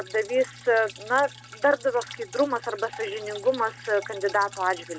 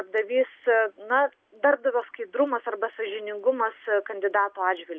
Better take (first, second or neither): second